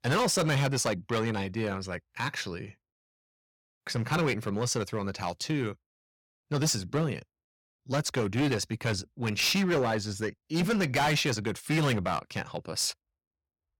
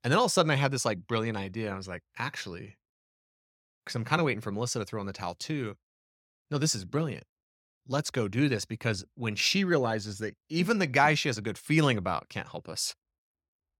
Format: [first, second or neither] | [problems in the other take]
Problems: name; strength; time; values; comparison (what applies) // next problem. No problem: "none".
second | distortion; heavy; 9% of the sound clipped